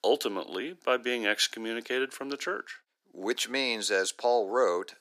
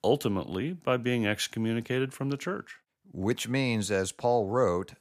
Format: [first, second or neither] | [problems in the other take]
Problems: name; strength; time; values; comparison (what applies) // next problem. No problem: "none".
second | thin; somewhat; fading below 300 Hz